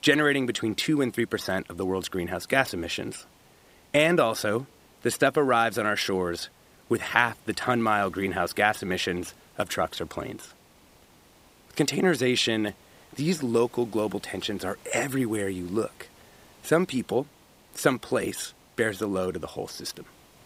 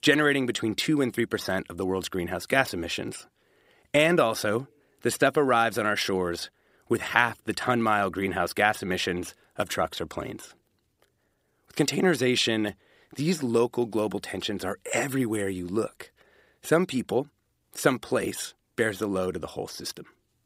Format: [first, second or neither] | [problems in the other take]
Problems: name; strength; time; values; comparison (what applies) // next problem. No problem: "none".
second | hiss; faint; throughout; 30 dB below the speech